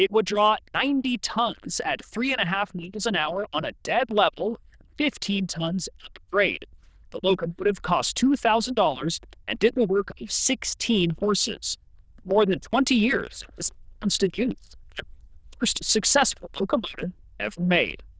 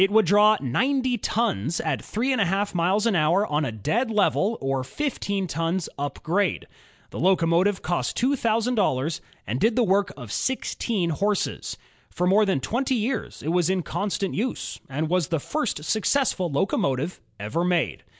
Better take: second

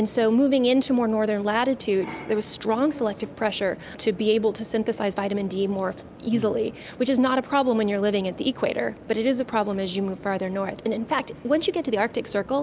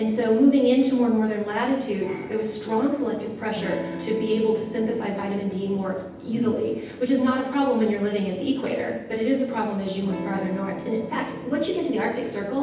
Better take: first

